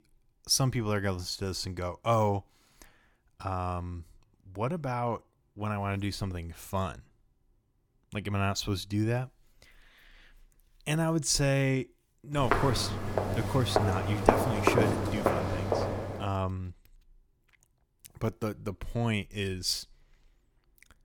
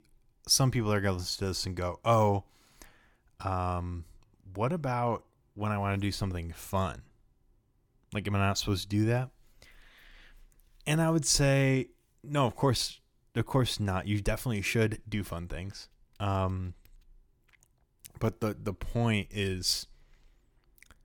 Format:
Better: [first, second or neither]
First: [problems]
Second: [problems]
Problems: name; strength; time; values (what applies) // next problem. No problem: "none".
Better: second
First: footsteps; loud; from 12 to 16 s; peak 6 dB above the speech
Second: none